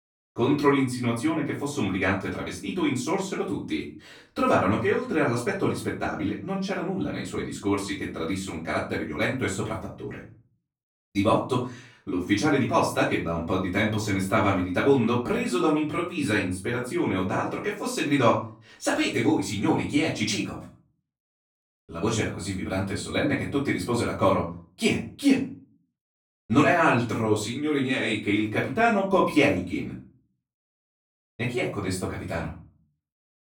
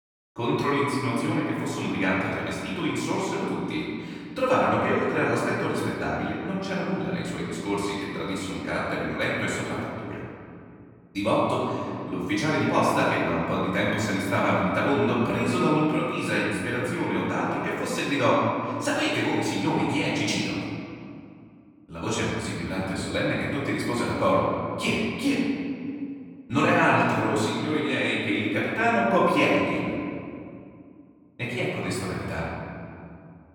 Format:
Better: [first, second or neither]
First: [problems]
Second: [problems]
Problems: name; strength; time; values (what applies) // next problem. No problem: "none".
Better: first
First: room echo; slight; dies away in 0.4 s // off-mic speech; far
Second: room echo; strong; dies away in 2.3 s // off-mic speech; far